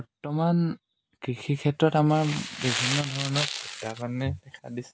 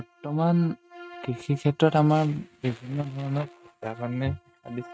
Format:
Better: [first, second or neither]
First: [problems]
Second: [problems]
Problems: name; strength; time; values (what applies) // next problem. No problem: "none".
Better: first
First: none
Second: noise reduction (neural mask model RNNoise)